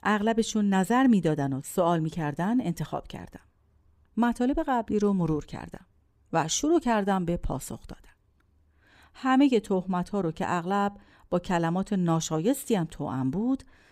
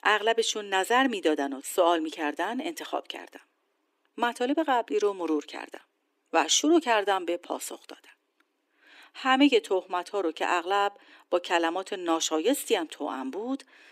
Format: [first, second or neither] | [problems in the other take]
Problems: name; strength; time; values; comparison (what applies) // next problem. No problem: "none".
first | thin; somewhat; fading below 300 Hz